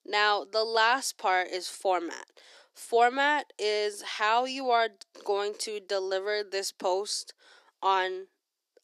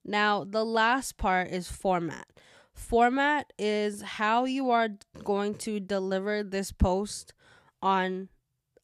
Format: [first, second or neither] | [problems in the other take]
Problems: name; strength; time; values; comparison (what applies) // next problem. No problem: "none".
second | thin; somewhat; fading below 300 Hz